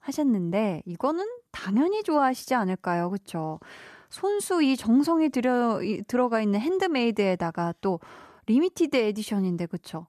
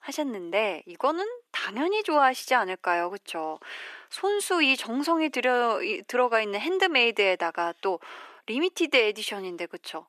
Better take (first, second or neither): first